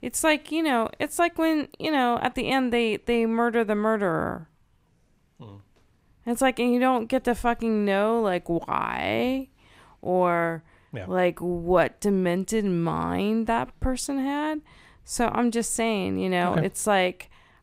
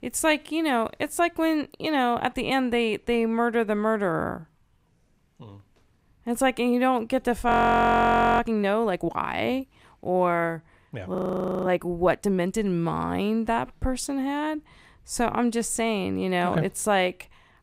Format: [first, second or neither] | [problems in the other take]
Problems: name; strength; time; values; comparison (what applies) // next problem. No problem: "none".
first | audio freezing; at 7.5 s for 1 s and at 11 s for 0.5 s